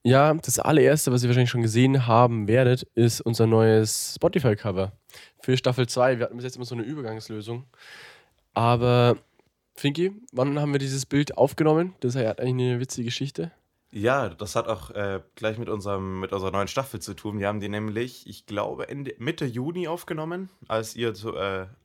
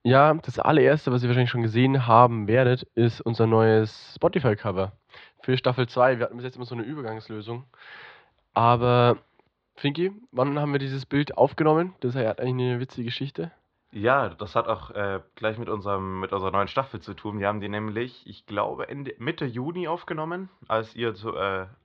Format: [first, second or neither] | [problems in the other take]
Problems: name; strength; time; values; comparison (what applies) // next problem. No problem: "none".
first | muffled; slightly; fading above 4 kHz